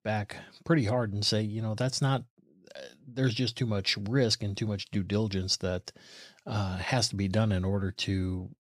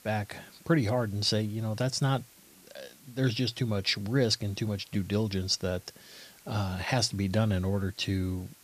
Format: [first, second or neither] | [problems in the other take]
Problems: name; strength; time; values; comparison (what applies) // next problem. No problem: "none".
first | hiss; faint; throughout; 25 dB below the speech